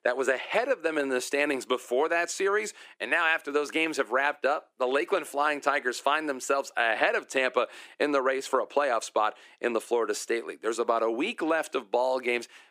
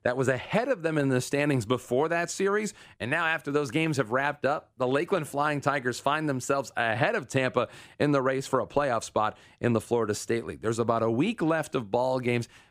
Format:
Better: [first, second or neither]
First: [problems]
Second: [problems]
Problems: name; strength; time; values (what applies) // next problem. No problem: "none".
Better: second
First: thin; somewhat; fading below 300 Hz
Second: none